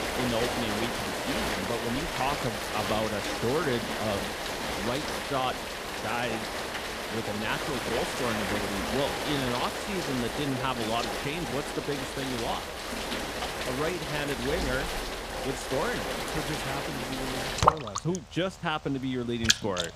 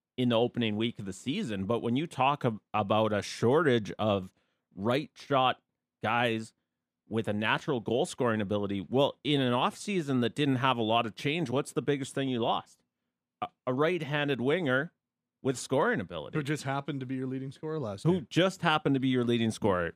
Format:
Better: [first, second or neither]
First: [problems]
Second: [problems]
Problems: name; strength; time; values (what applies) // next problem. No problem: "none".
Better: second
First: rain or running water; very loud; throughout; 2 dB above the speech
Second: none